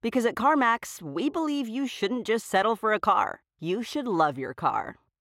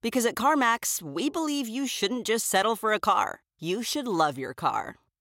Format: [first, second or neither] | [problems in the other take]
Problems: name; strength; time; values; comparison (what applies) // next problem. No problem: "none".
second | muffled; slightly; fading above 3.5 kHz